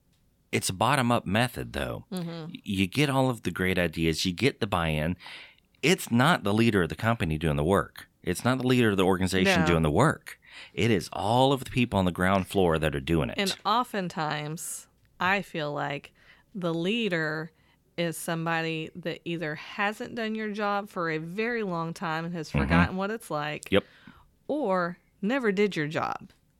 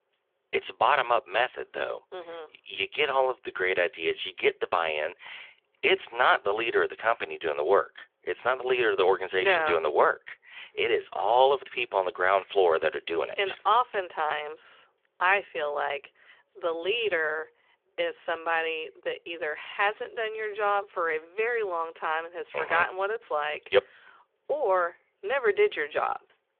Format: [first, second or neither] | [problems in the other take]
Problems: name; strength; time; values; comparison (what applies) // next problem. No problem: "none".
first | phone-call audio